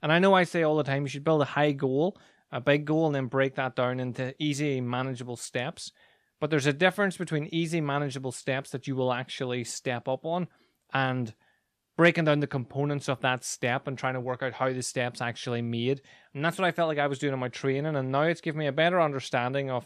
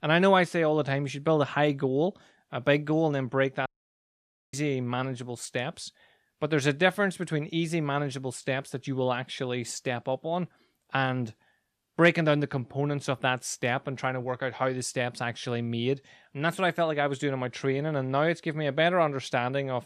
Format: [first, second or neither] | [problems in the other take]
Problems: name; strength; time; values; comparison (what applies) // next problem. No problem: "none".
first | audio cutting out; at 3.5 s for 1 s